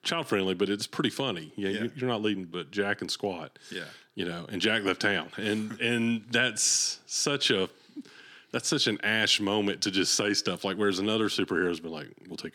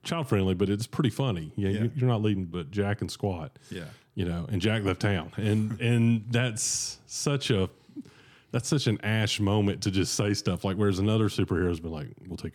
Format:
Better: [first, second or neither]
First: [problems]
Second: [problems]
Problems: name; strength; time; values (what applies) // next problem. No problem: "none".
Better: second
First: thin; somewhat; fading below 300 Hz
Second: none